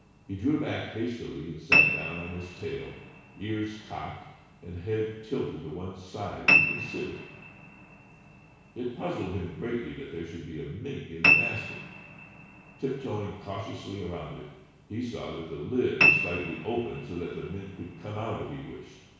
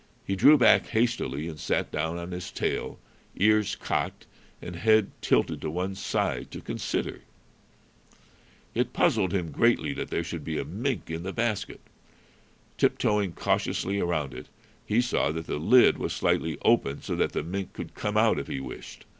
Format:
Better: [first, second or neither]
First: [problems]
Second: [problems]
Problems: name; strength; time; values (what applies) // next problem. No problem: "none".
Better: second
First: background sound (Piano); 3 dB above the speech // room echo; dies away in 1.1 s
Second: none